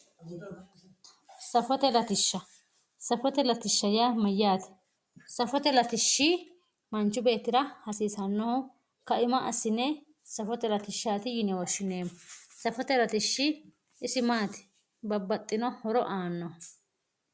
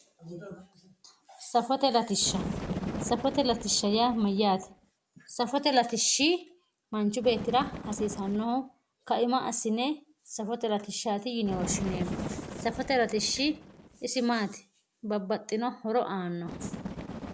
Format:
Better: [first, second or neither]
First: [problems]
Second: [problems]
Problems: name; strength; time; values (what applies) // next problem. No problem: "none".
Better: first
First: none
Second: background sound (Bird); 11 dB below the speech